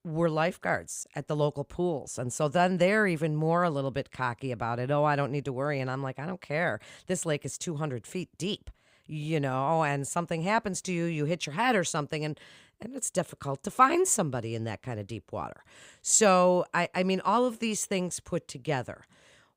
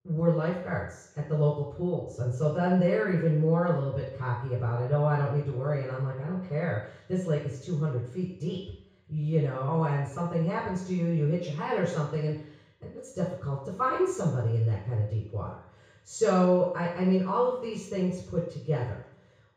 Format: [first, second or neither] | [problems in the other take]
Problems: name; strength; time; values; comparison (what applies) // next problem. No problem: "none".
first | room echo; noticeable; dies away in 0.6 s // off-mic speech; far